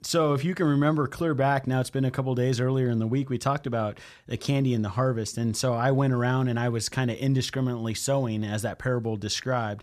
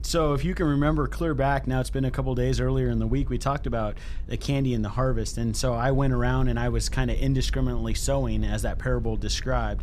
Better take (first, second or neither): first